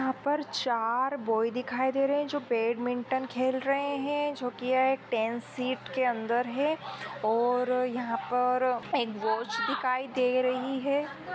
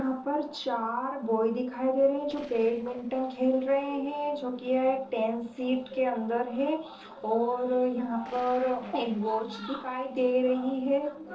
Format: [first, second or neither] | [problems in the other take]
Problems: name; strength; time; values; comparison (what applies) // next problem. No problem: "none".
first | noise reduction (neural separator model SepFormer DNS4)